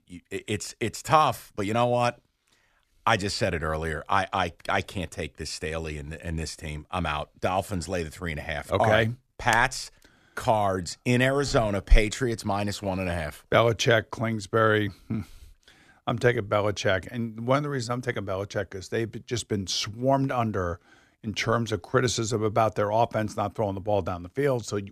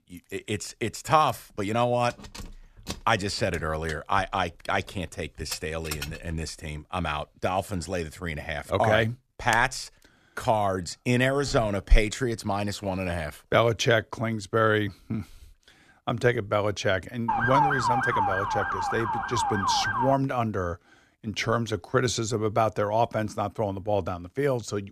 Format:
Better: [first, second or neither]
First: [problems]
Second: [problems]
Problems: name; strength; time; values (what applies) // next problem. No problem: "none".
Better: first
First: none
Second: jangling keys; noticeable; from 1.5 to 6.5 s; peak 8 dB below the speech // siren; loud; from 17 to 20 s; peak 4 dB above the speech